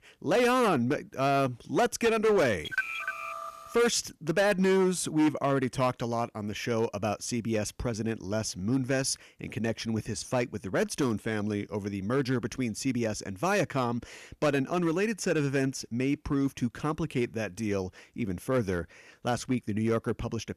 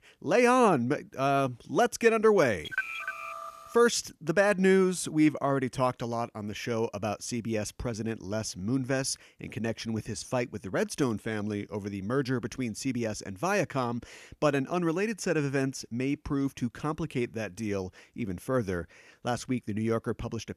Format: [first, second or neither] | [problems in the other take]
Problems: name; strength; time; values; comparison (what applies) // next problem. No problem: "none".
second | distortion; slight; 5% of the sound clipped